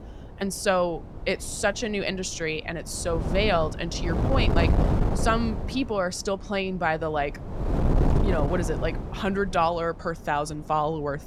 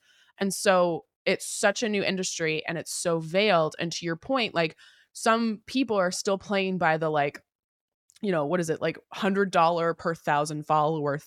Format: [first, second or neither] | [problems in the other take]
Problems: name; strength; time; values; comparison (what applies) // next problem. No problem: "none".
second | wind noise on the microphone; heavy; 7 dB below the speech